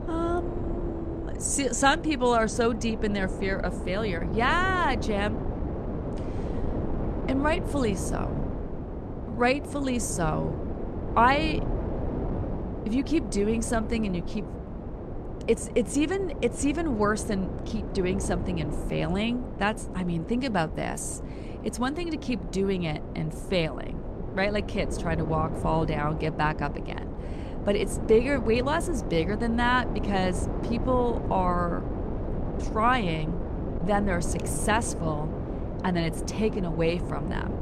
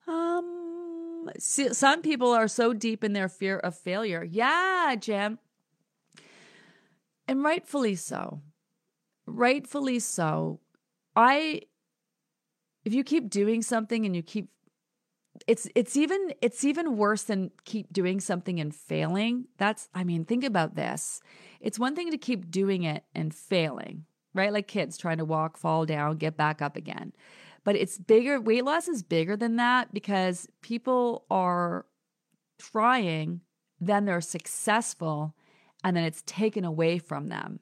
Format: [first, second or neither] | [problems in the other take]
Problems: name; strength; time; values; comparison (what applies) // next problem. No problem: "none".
second | wind noise on the microphone; occasional gusts; 10 dB below the speech